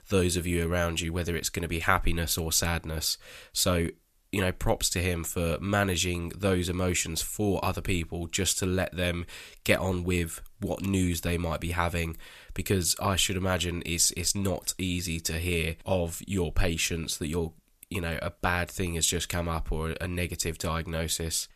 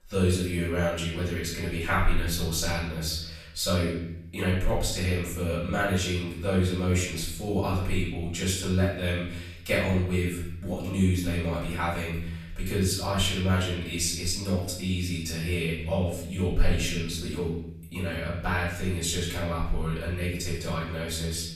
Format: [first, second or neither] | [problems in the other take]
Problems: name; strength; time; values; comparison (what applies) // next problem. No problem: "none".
first | off-mic speech; far // room echo; noticeable; dies away in 0.8 s